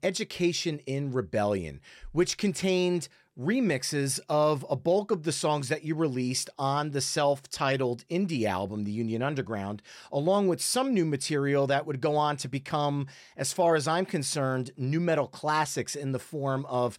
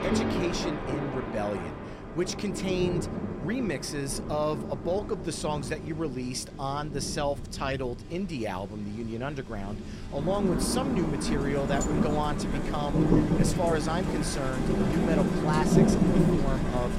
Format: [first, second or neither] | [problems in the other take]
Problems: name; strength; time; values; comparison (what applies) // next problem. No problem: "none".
first | rain or running water; very loud; throughout; 3 dB above the speech